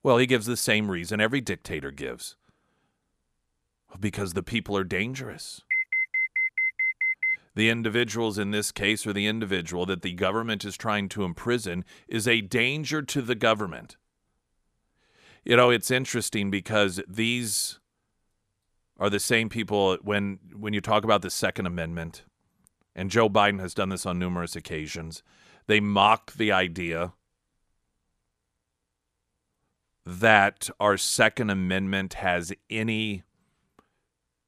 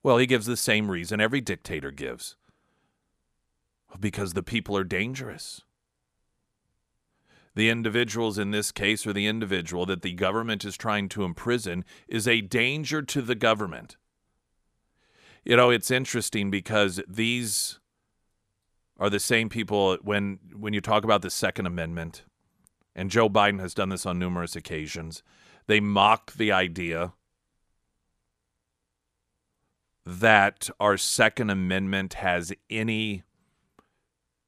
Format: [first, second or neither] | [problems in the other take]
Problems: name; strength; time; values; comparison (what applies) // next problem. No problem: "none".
second | alarm; loud; from 5.5 to 7.5 s; peak 2 dB above the speech